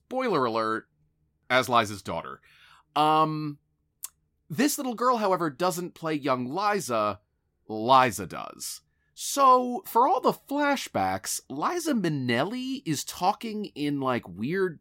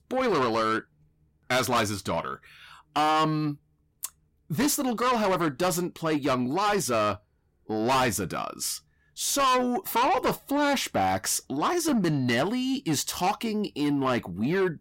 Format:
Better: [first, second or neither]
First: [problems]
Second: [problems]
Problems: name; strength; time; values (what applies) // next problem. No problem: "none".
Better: first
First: none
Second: distortion; heavy; 6 dB below the speech